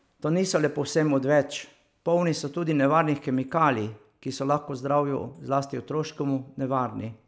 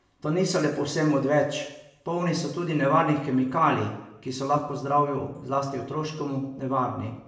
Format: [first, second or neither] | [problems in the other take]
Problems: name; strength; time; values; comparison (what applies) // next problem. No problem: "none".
first | room echo; dies away in 0.7 s